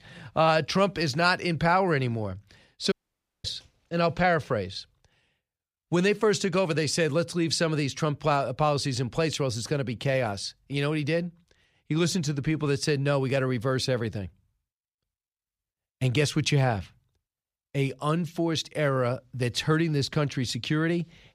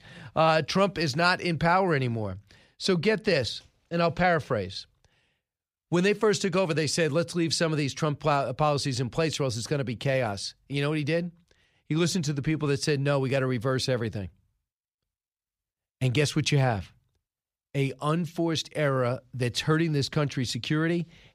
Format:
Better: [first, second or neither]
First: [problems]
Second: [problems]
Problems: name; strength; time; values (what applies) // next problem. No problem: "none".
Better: second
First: audio cutting out; at 3 s for 0.5 s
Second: none